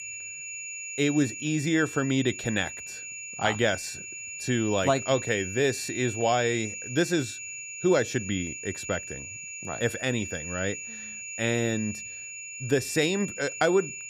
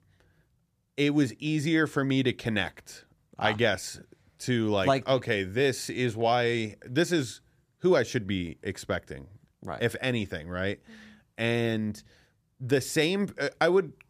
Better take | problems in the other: second | high-pitched whine; loud; throughout; 7 kHz, 8 dB below the speech

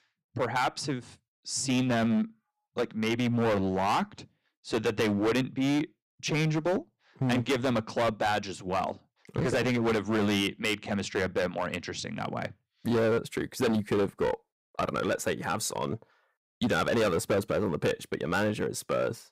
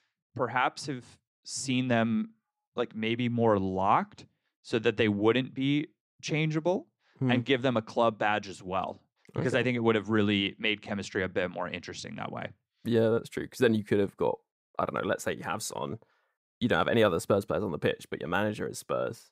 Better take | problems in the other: second | distortion; heavy; 12% of the sound clipped

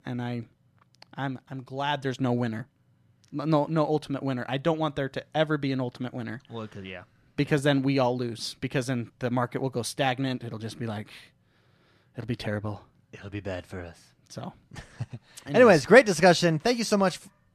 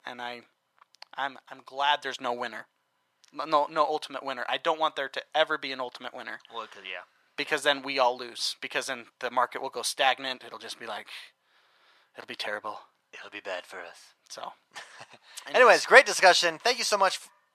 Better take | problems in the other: first | thin; very; fading below 800 Hz

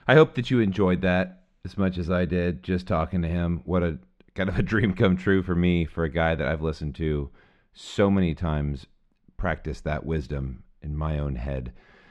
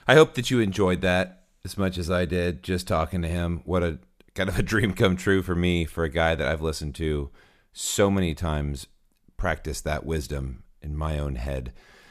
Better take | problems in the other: second | muffled; slightly; fading above 3 kHz

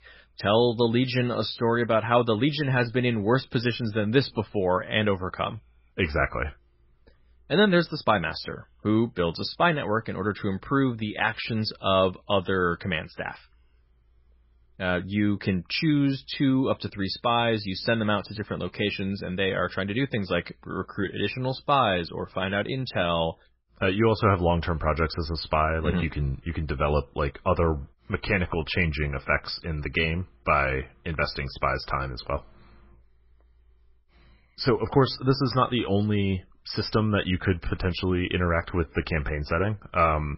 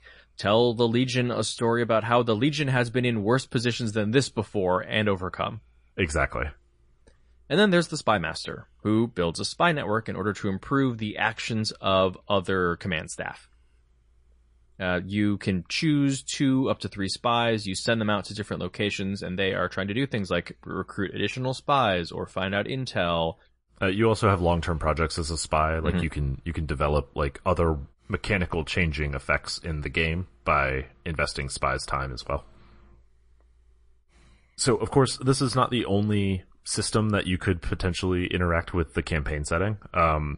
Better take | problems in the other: second | garbled, watery; badly; nothing above 5.5 kHz; slightly in the second

